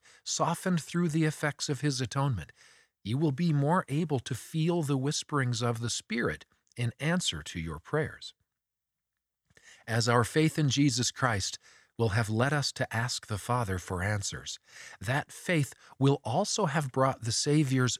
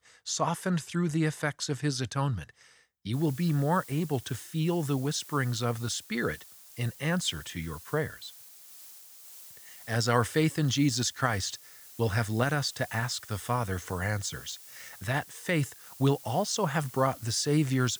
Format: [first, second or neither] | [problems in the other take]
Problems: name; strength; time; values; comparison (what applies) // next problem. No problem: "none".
first | hiss; noticeable; from 3 s on; 15 dB below the speech